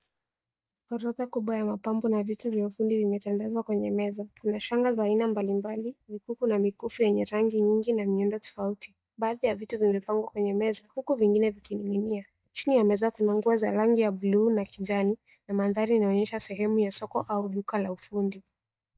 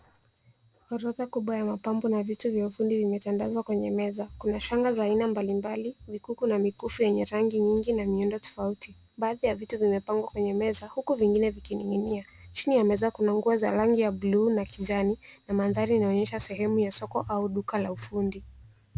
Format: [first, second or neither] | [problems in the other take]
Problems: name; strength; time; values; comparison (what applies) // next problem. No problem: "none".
second | noise reduction (neural mask model DeepFilterNet 3)